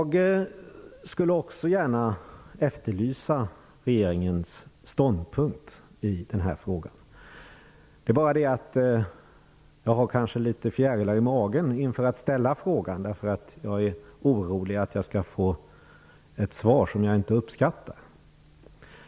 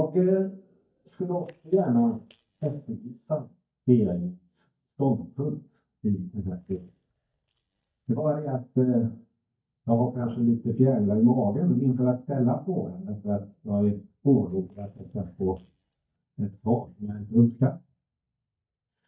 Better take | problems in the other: first | noise reduction (neural mask model DeepFilterNet 3)

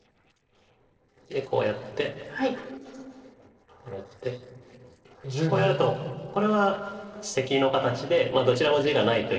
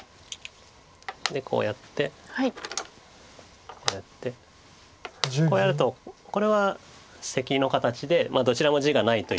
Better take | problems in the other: second | noise reduction (neural separator model SepFormer DNS4)

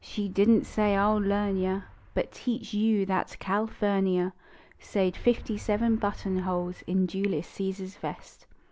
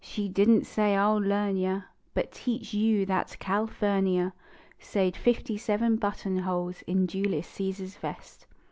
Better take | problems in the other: second | background sound (Motor vehicle (road)); 19 dB below the speech

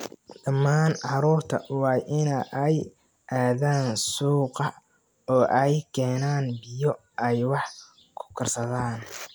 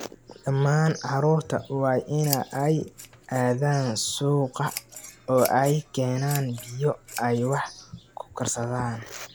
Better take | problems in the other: first | background sound (Scissors); 17 dB below the speech

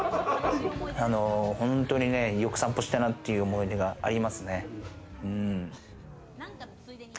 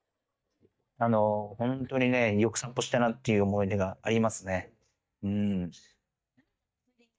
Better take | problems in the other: first | noise reduction (neural mask model DeepFilterNet 3)

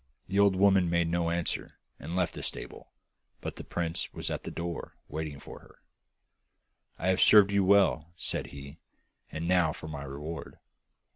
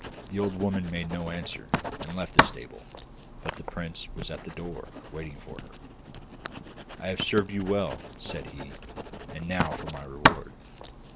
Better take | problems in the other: first | background sound (Writing); 2 dB above the speech

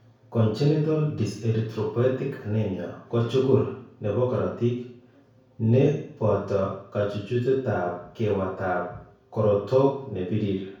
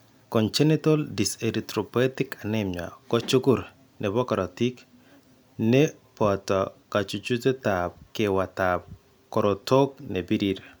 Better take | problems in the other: second | room echo; dies away in 0.6 s

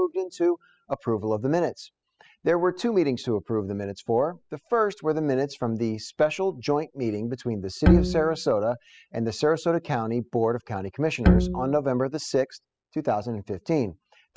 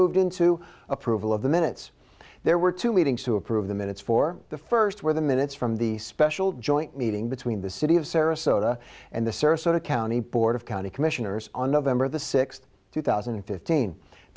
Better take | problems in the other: second | noise reduction (classical method spectral subtraction)

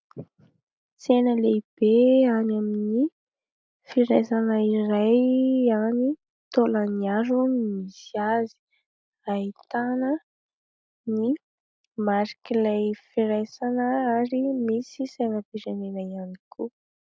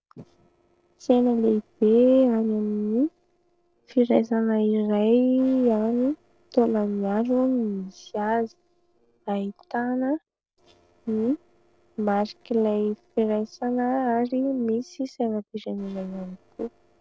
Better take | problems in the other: first | noise reduction (neural separator model SepFormer DNS4)

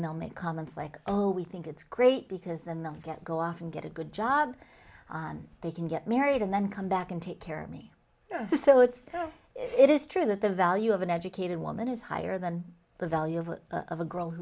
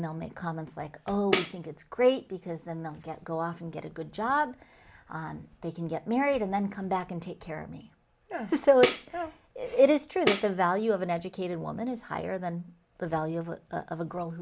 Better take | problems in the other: first | background sound (Tambourine); 5 dB below the speech

